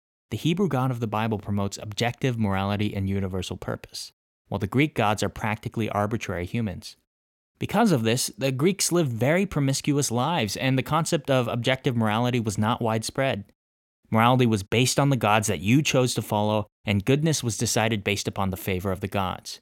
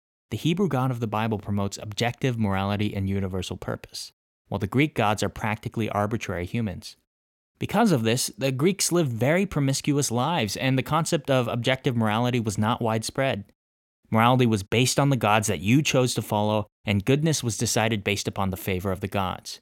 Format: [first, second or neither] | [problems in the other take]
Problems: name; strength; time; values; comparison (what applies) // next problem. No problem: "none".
neither | none